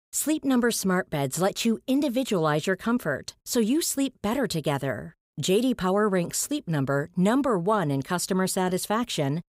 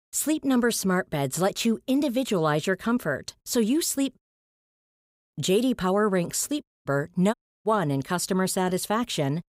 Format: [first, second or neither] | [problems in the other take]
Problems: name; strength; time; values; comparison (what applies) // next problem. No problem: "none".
first | audio cutting out; at 4 s for 1 s, at 6.5 s and at 7.5 s